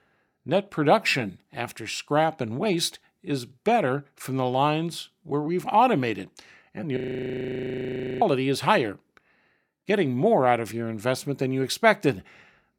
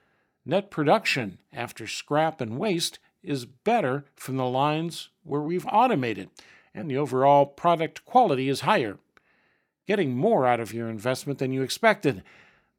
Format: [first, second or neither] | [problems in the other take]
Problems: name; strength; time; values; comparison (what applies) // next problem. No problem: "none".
second | audio freezing; at 7 s for 1 s